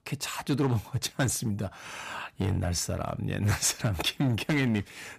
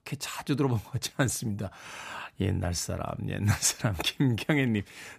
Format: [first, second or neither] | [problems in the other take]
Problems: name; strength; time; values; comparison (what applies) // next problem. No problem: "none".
second | distortion; slight; 5% of the sound clipped